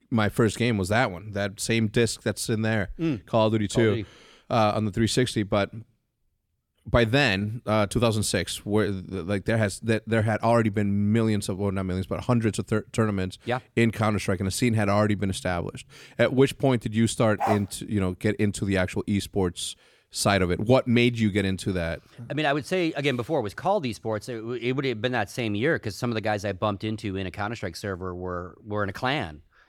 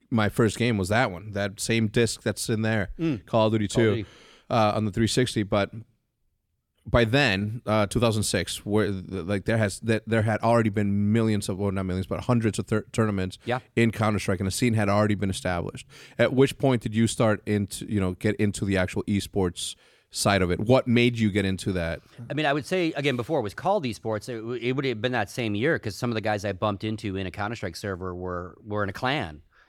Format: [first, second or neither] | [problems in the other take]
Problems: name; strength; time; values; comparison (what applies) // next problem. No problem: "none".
second | dog barking; noticeable; at 17 s; peak 3 dB below the speech